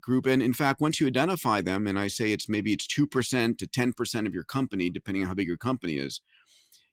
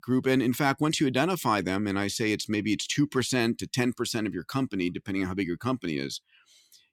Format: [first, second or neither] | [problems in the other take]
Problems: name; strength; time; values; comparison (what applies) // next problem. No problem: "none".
second | garbled, watery; slightly; nothing above 17 kHz